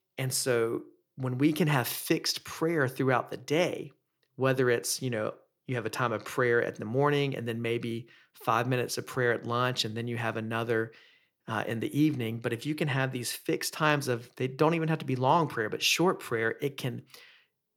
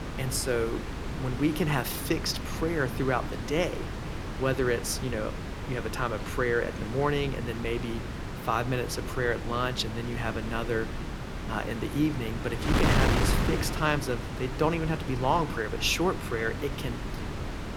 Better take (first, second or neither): first